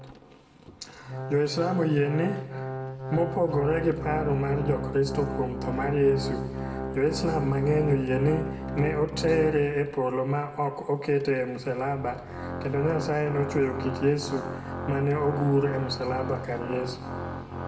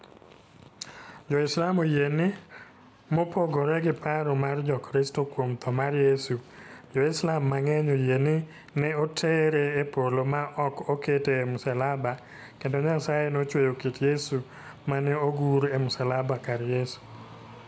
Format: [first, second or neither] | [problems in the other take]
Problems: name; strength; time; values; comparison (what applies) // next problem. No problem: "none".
second | background sound (Organ); 7 dB below the speech // room echo; dies away in 0.8 s